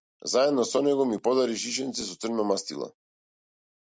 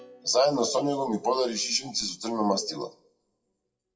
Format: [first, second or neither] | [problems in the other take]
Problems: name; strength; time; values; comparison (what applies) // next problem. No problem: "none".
first | noise reduction (classical method WPE with log-MMSE)